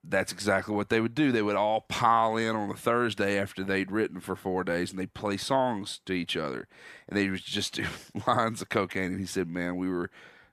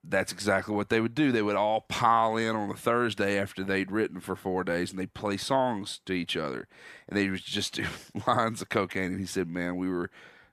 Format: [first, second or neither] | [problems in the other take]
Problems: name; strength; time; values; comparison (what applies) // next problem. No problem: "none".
neither | none